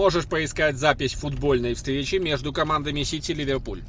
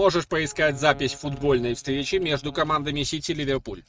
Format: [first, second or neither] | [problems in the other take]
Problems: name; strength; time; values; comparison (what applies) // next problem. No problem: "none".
first | noise reduction (neural mask model RNNoise)